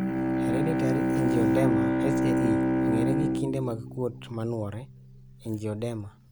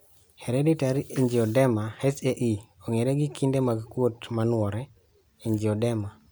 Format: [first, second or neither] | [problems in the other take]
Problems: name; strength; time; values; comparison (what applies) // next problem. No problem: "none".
second | background sound (Bowed string instrument); 5 dB above the speech